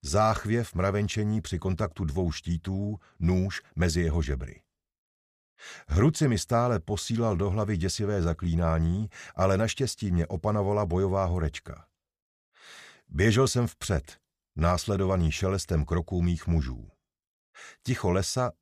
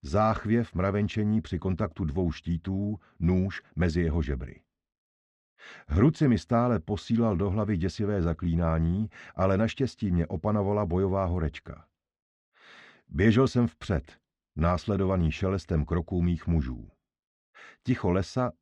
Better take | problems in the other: first | muffled; slightly; fading above 3.5 kHz

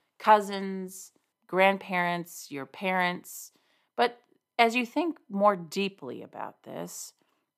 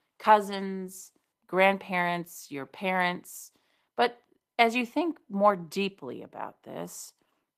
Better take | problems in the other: first | garbled, watery; slightly; nothing above 14.5 kHz

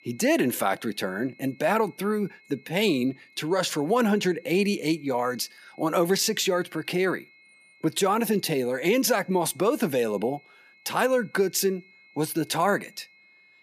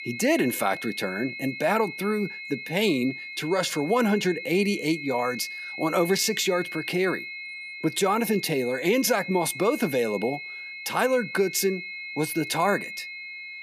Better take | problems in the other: first | high-pitched whine; loud; throughout; 2 kHz, 9 dB below the speech; faint in the first

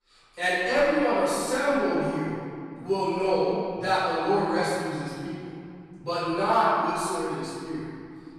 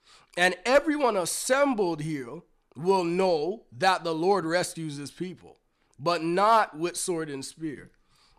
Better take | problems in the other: second | off-mic speech; far // room echo; strong; dies away in 2.1 s

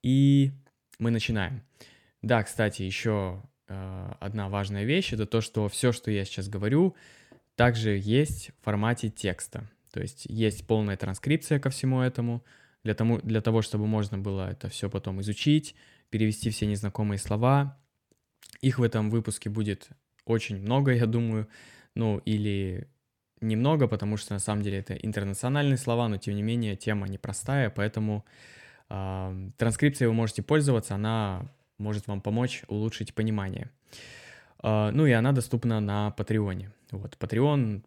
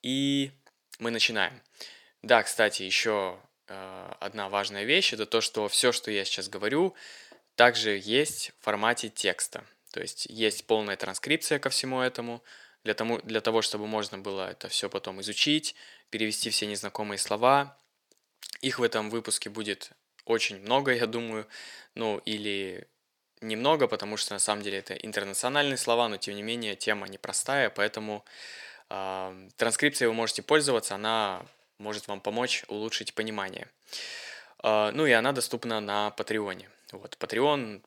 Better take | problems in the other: first | thin; very; fading below 500 Hz

